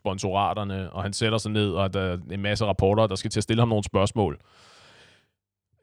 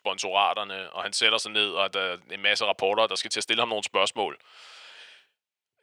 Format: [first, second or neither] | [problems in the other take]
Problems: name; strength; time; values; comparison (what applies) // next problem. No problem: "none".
first | thin; very; fading below 550 Hz